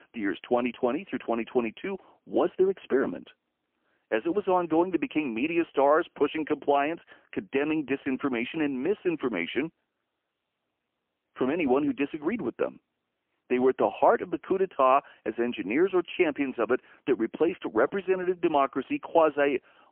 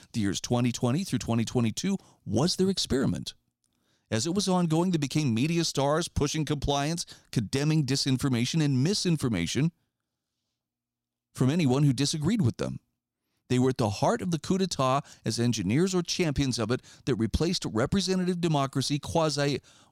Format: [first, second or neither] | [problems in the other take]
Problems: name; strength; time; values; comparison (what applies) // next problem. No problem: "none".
second | phone-call audio; poor line; nothing above 3 kHz